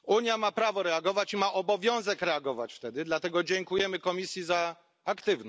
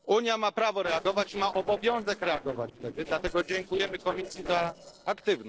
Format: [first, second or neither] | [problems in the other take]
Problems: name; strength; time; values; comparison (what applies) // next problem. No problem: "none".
first | noise reduction (neural separator model SepFormer DNS4)